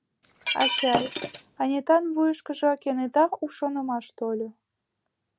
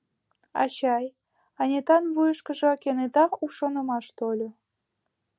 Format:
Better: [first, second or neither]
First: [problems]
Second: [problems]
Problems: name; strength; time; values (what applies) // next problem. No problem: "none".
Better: second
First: background sound (Shatter); 3 dB below the speech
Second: none